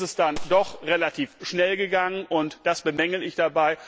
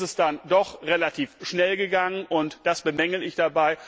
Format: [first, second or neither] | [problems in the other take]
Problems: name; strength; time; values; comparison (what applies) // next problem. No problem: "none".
second | background sound (Gunshot, gunfire); 12 dB below the speech